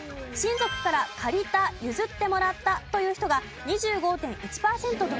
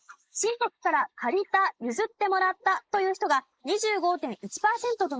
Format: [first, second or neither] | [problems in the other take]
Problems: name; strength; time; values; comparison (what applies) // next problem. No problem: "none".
first | noise reduction (neural mask model Resemble Enhance denoiser)